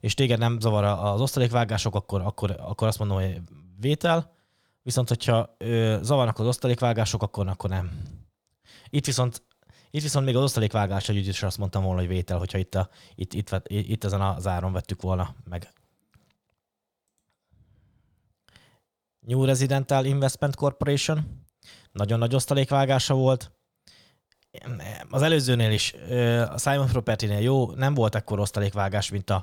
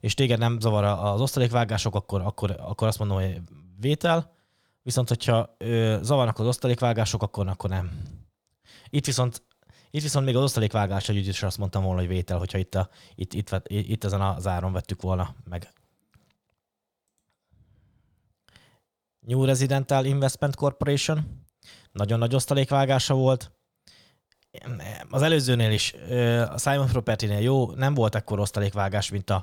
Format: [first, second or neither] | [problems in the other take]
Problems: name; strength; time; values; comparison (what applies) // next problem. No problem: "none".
neither | none